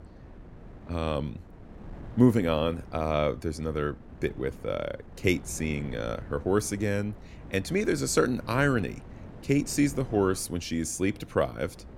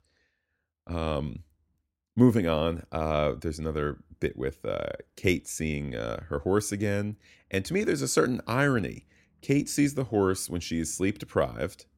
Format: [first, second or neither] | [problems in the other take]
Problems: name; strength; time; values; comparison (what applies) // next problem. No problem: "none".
second | wind noise on the microphone; occasional gusts; 20 dB below the speech